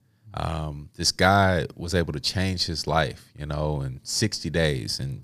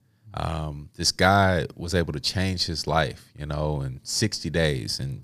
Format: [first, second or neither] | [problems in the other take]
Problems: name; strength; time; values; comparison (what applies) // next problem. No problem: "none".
neither | none